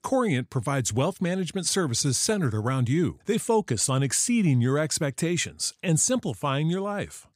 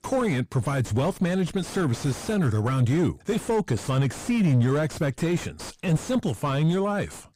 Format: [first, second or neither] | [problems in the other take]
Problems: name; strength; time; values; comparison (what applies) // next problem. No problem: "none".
first | distortion; heavy; 5 dB below the speech